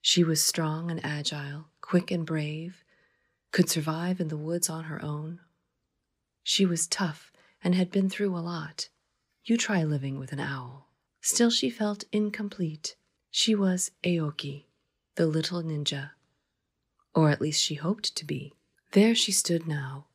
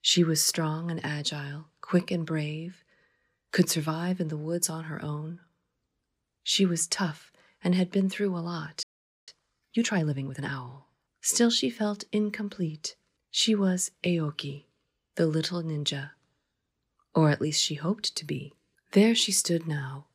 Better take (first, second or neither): first